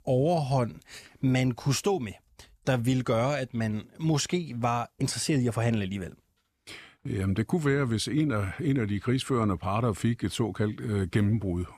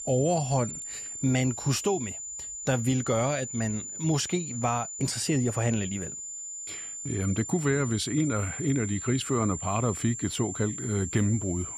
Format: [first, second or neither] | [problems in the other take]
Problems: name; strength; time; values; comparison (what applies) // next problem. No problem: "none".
first | high-pitched whine; loud; throughout; 7 kHz, 7 dB below the speech